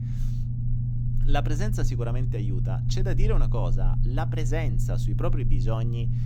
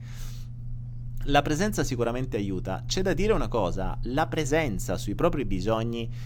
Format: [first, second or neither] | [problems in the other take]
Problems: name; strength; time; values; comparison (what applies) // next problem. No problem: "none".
second | low rumble; loud; throughout; 5 dB below the speech; faint in the second